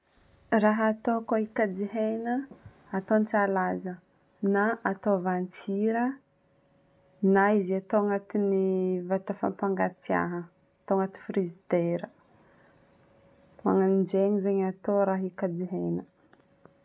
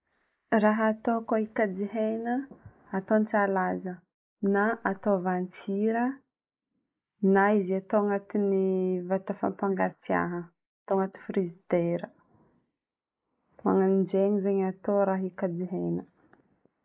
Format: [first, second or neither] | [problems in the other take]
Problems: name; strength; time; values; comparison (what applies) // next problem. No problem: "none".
first | noise reduction (neural mask model Resemble Enhance denoiser)